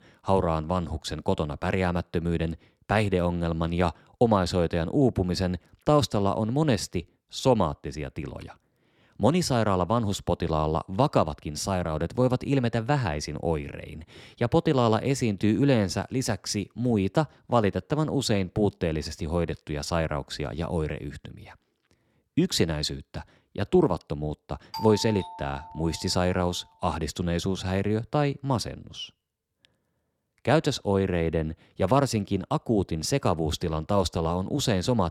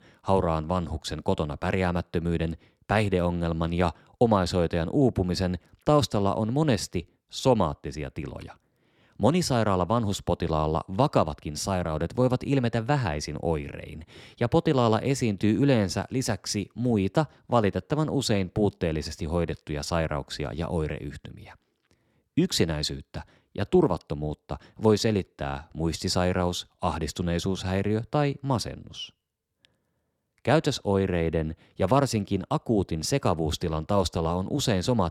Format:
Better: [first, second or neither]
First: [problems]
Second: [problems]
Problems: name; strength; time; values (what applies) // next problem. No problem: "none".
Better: second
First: doorbell; noticeable; from 25 to 26 s; peak 10 dB below the speech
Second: none